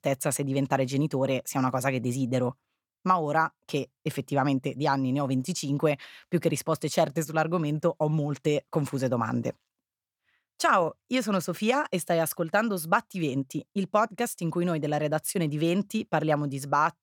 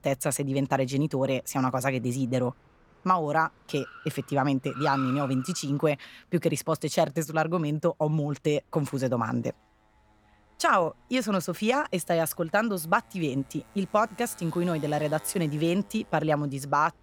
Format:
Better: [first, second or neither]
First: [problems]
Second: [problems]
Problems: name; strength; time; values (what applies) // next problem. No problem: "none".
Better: first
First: none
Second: traffic noise; noticeable; throughout; 15 dB below the speech